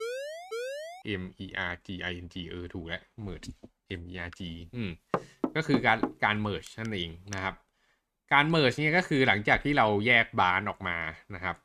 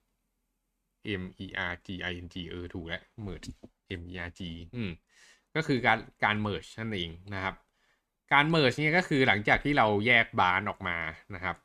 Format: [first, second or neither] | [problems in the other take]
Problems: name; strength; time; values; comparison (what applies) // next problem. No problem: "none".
second | siren; noticeable; until 1 s; peak 8 dB below the speech // door banging; noticeable; from 5 to 7.5 s; peak 4 dB below the speech